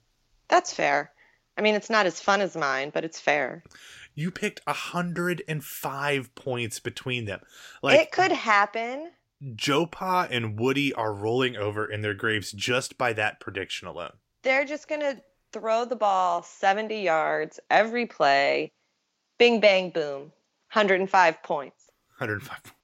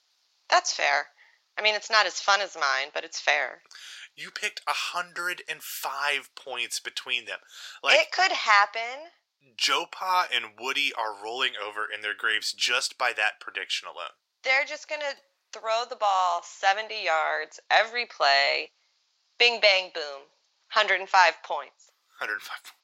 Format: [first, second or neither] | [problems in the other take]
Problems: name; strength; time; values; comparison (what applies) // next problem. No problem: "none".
first | thin; very; fading below 900 Hz